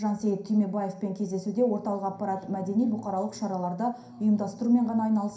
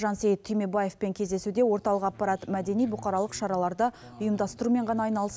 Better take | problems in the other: second | room echo; dies away in 0.5 s

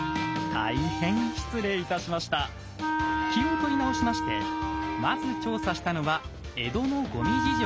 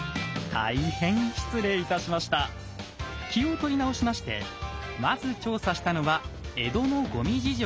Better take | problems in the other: second | background sound (Wind instrument, woodwind instrument); 2 dB below the speech

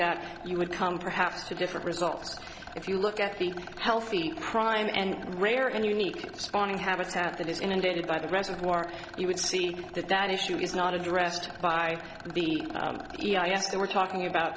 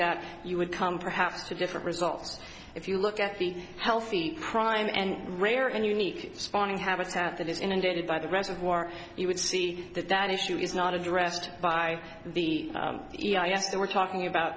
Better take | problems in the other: second | background sound (Rattle); 16 dB below the speech

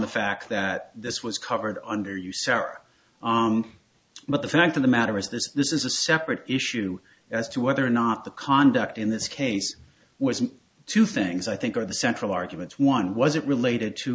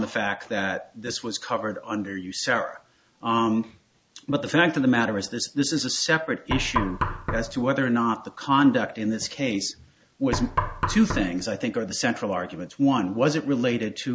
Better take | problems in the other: first | background sound (Knock); 3 dB below the speech

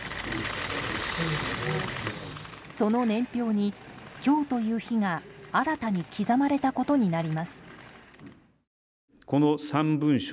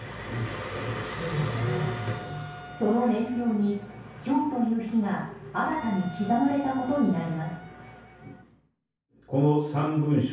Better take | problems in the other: first | background sound (Wind instrument, woodwind instrument); 18 dB below the speech // room echo; dies away in 0.6 s

